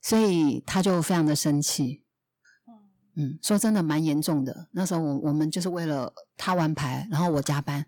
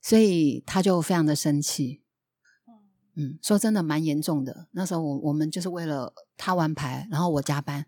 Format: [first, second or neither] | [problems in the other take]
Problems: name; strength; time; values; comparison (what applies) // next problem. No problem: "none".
second | distortion; slight; 10 dB below the speech